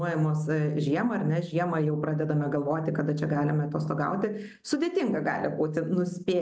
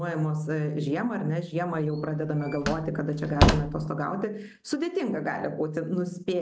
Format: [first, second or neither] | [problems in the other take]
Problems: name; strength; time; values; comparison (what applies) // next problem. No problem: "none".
first | background sound (Slam); 1 dB above the speech